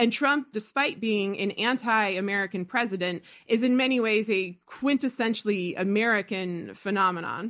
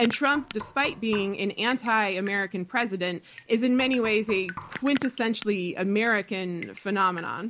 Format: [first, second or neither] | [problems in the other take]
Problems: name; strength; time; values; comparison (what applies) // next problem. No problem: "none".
first | background sound (Knock + Drip); 17 dB below the speech